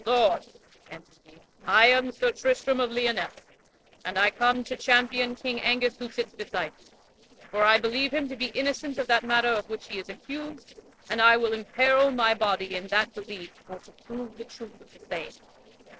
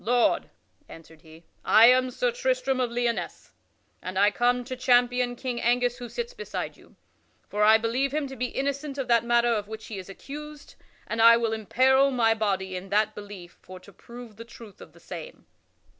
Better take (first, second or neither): second